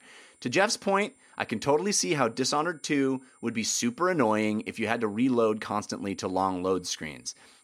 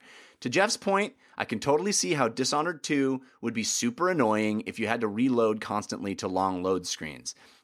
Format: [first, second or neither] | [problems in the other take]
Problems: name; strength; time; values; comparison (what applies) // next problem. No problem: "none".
second | high-pitched whine; faint; throughout; 9 kHz, 30 dB below the speech